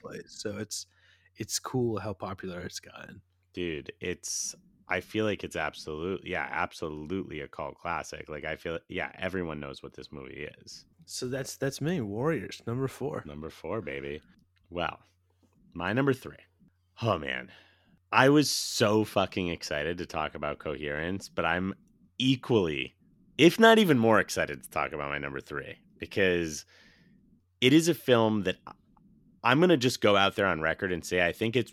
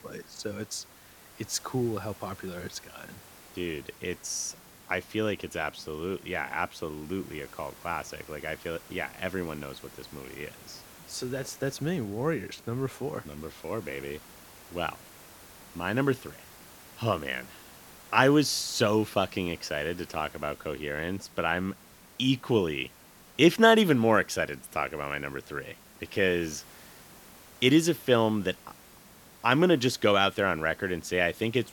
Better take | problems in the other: first | hiss; faint; throughout; 20 dB below the speech

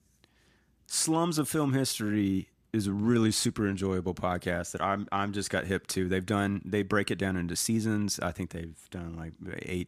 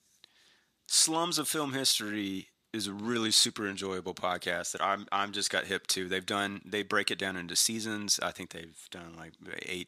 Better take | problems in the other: first | thin; somewhat; fading below 700 Hz

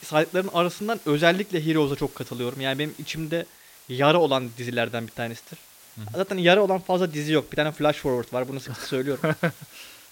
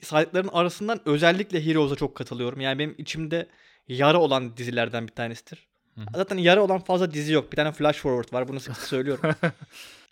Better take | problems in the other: second | hiss; faint; throughout; 20 dB below the speech

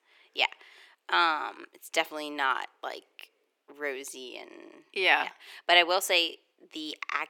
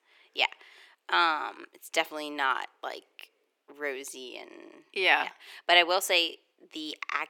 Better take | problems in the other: neither | thin; very; fading below 400 Hz; the same in both

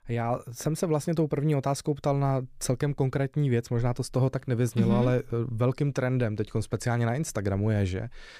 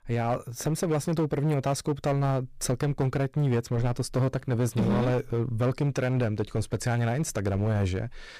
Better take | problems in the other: first | distortion; slight; 12% of the sound clipped

